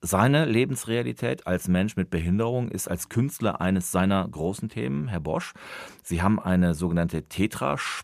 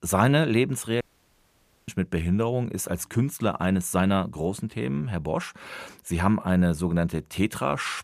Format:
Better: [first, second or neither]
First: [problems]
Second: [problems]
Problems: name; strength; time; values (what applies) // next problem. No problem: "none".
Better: first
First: none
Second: audio cutting out; at 1 s for 1 s